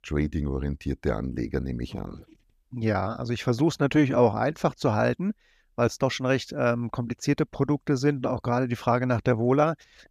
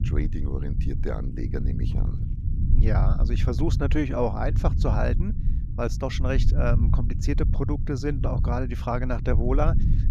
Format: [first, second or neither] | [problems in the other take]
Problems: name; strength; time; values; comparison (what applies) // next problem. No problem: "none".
first | low rumble; loud; throughout; 10 dB below the speech